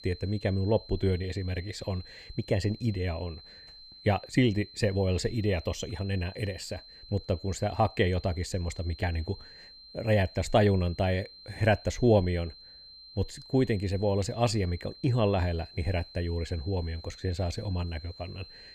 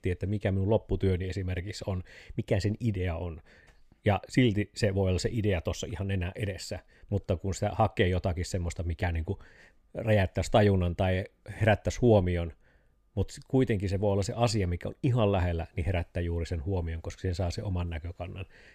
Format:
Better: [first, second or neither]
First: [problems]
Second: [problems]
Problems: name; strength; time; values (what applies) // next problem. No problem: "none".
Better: second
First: high-pitched whine; noticeable; throughout; 4 kHz, 20 dB below the speech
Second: none